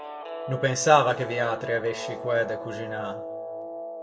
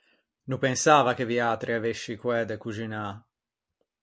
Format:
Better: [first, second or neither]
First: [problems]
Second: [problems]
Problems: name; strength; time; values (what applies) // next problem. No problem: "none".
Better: second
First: background sound (Guitar); 9 dB below the speech // room echo; dies away in 0.5 s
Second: none